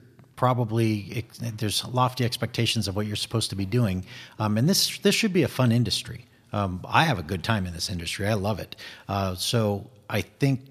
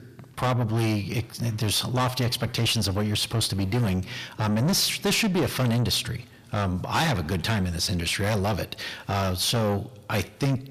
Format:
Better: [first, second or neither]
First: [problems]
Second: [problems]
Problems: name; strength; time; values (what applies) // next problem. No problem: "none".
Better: first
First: none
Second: distortion; heavy; 6 dB below the speech